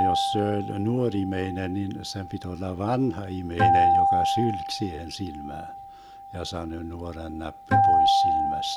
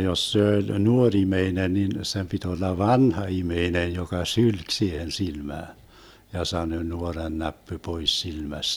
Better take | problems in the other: second | background sound (Acoustic guitar); 4 dB above the speech

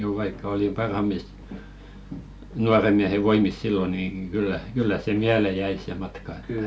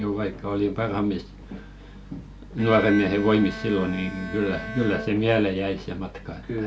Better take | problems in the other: first | background sound (Bowed string instrument); 14 dB below the speech

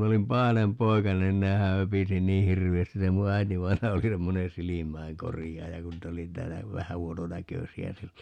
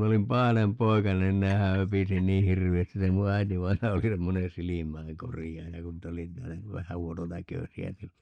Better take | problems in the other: first | noise reduction (neural mask model DeepFilterNet 3)

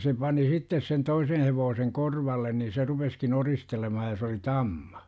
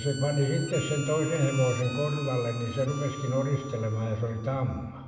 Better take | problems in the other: first | background sound (Harmonica); 13 dB below the speech // room echo; dies away in 1.6 s

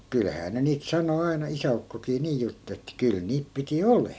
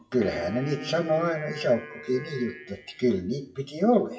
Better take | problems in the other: first | noise reduction (classical method WPE with log-MMSE)

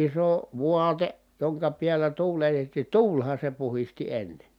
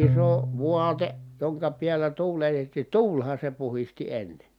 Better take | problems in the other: first | background sound (Bowed string instrument); 4 dB below the speech

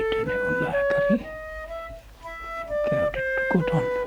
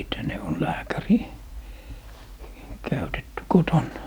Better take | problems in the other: second | background sound (Wind instrument, woodwind instrument); 4 dB above the speech

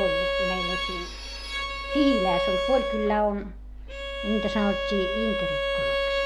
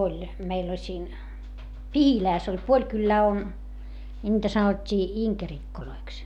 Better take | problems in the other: second | background sound (Bowed string instrument); as loud as the speech

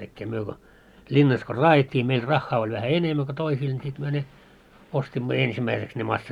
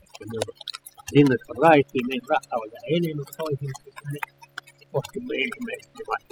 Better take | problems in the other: first | noise reduction (classical method spectral subtraction)

